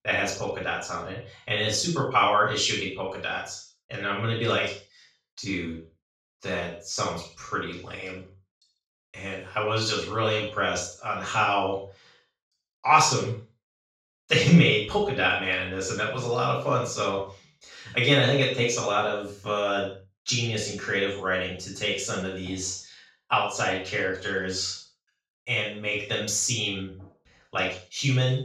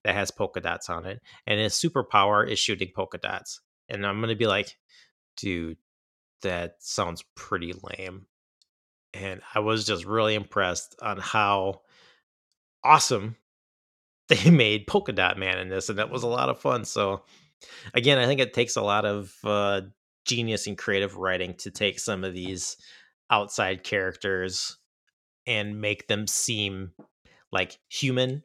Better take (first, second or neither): second